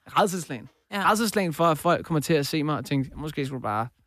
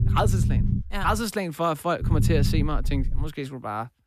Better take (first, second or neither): first